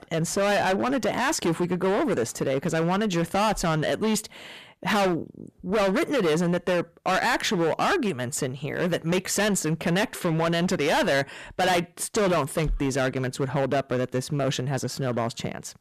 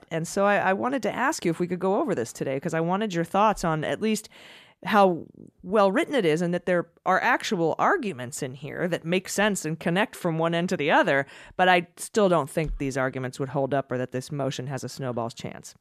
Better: second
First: distortion; heavy; 18% of the sound clipped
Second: none

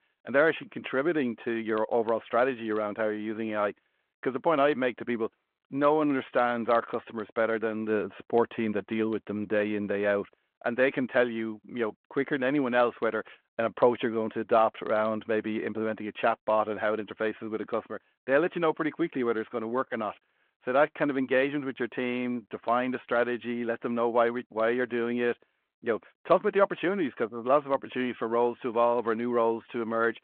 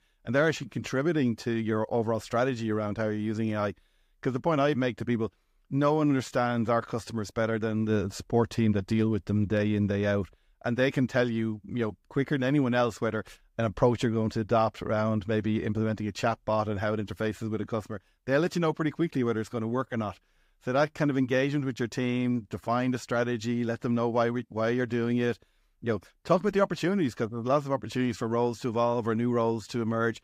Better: second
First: phone-call audio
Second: none

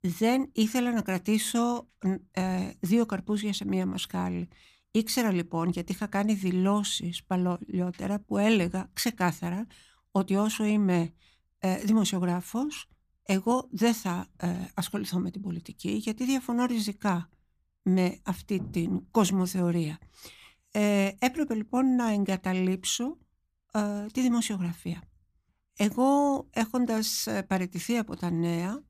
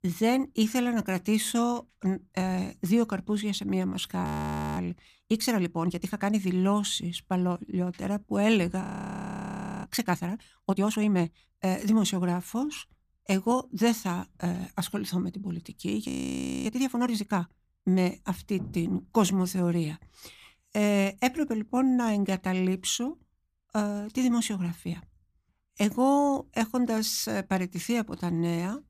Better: first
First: none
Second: audio freezing; at 4.5 s for 0.5 s, at 9 s for 1 s and at 16 s for 0.5 s

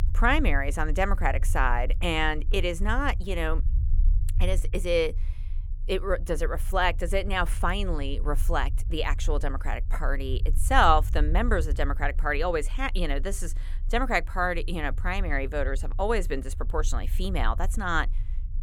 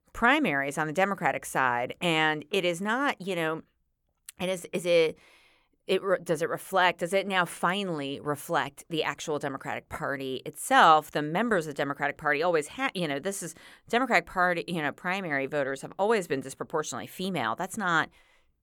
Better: second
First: low rumble; faint; throughout; 25 dB below the speech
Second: none

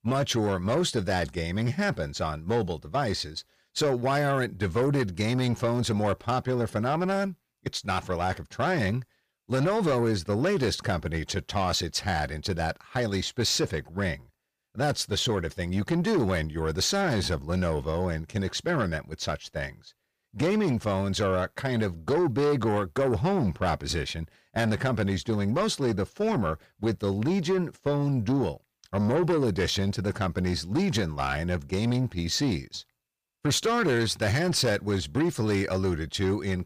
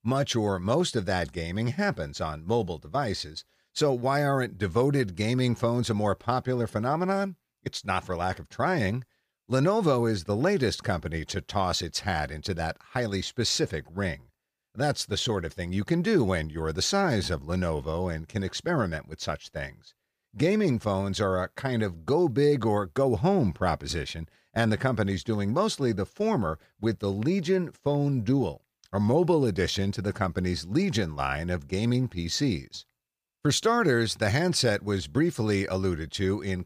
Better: second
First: distortion; slight; 10 dB below the speech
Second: none

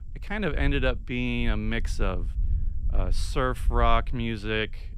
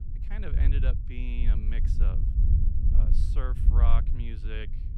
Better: first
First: low rumble; faint; throughout; 25 dB below the speech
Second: low rumble; loud; throughout; 4 dB below the speech

